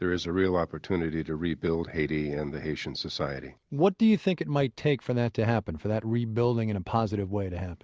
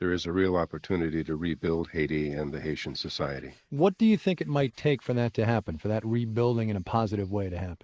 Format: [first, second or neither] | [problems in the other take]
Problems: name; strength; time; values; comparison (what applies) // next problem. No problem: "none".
first | noise reduction (neural mask model Resemble Enhance denoiser)